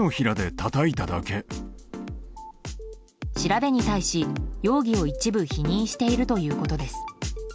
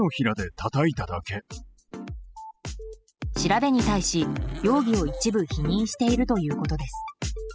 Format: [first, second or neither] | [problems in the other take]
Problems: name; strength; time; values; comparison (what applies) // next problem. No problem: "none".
first | noise reduction (classical method spectral subtraction)